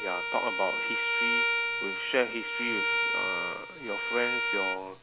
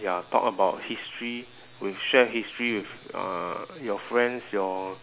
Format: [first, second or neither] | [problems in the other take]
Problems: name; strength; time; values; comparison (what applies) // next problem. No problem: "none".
second | background sound (Bowed string instrument); 4 dB above the speech